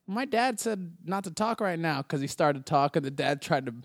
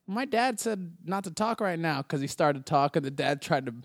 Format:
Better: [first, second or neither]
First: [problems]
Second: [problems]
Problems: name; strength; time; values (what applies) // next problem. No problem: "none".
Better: neither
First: none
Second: none